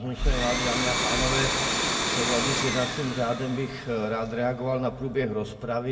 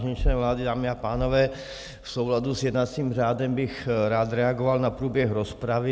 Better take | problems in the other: second | background sound (Domestic sounds, home sounds); 2 dB below the speech // room echo; dies away in 1.1 s

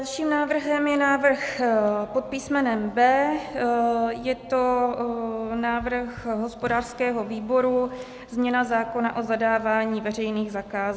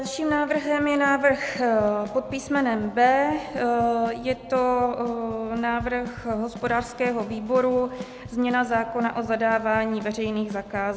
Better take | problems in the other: first | background sound (Bass drum / Snare drum / Drum kit); 18 dB below the speech

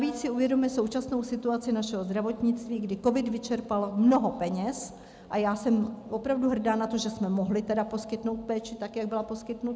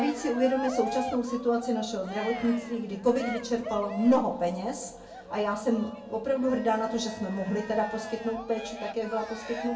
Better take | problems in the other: first | background sound (Cheering); 11 dB below the speech // room echo; dies away in 0.3 s

